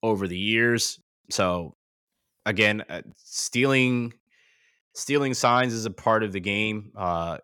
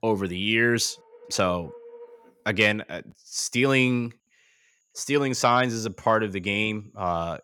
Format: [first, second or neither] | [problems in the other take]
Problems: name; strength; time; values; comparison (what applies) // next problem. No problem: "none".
first | animal sounds; faint; throughout; 25 dB below the speech